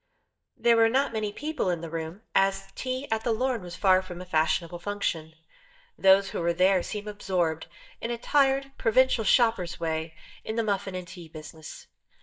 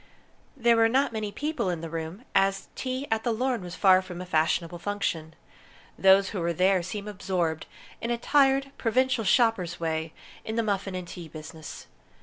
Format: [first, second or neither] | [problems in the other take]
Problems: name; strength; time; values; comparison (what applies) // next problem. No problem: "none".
second | noise reduction (neural mask model DeepFilterNet 3)